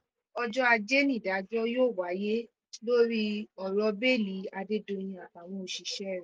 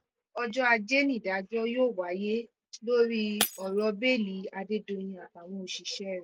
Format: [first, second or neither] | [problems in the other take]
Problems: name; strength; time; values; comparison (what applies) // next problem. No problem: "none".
first | background sound (Shatter); 10 dB below the speech